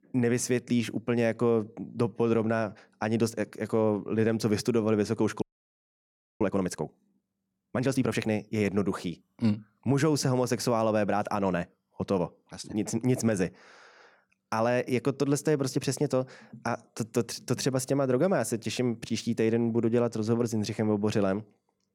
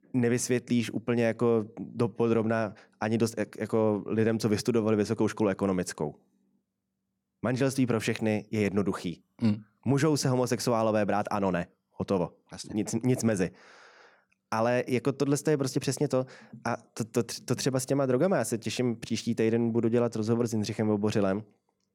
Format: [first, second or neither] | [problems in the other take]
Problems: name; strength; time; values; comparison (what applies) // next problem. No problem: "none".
second | audio freezing; at 5.5 s for 1 s